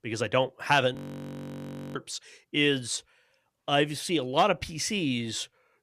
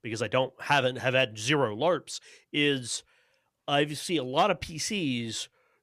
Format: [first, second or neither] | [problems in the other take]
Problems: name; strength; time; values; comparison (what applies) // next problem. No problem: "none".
second | audio freezing; at 1 s for 1 s